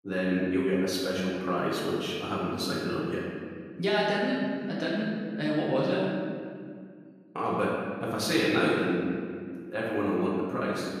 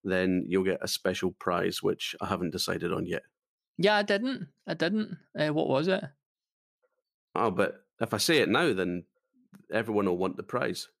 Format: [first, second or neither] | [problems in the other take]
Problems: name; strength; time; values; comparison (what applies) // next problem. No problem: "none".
second | room echo; strong; dies away in 1.9 s // off-mic speech; far